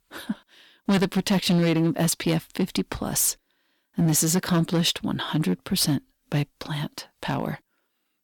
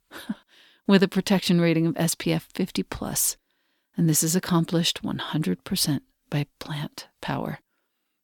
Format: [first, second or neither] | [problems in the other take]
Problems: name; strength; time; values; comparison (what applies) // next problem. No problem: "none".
second | distortion; slight; 6% of the sound clipped